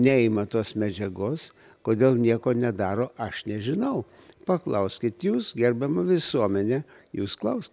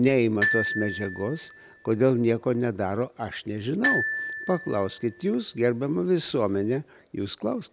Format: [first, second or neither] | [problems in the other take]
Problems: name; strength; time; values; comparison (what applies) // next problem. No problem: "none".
first | background sound (Glockenspiel); 6 dB below the speech